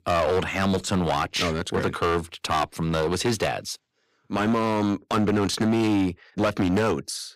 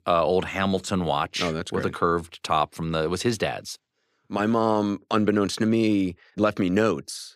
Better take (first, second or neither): second